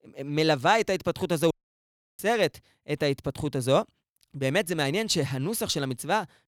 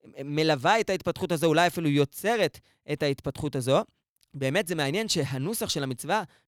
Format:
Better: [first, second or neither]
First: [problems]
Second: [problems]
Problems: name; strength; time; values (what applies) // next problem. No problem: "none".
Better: second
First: audio cutting out; at 1.5 s for 0.5 s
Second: none